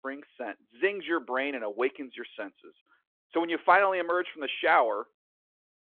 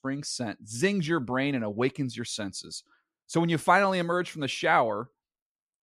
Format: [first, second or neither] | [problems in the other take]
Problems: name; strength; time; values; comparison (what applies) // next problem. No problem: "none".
second | phone-call audio